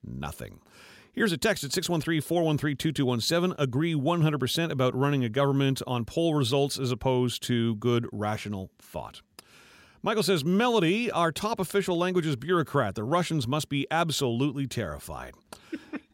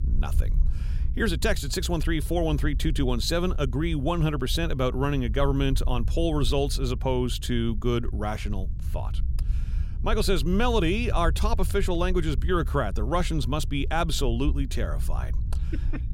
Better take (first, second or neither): first